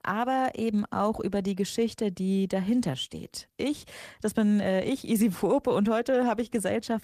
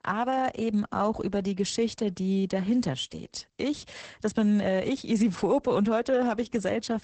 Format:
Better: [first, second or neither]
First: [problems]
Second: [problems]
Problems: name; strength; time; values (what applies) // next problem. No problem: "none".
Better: first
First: garbled, watery; slightly; nothing above 14.5 kHz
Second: garbled, watery; badly; nothing above 8 kHz